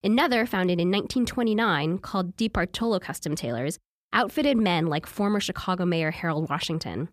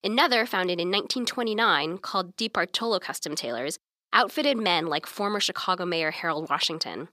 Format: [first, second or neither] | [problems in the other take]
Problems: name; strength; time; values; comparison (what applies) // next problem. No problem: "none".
first | thin; somewhat; fading below 350 Hz